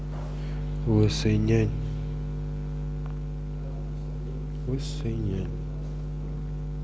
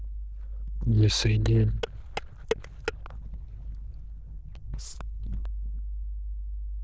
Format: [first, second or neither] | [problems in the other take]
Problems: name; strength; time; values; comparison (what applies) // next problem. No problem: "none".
first | noise reduction (neural diffusion model UNIVERSE++)